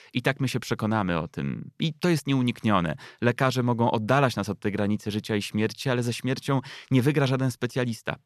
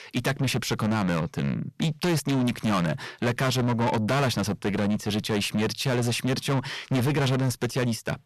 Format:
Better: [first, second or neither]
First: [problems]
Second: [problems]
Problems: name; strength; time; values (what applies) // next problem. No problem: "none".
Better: first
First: none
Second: distortion; heavy; 6 dB below the speech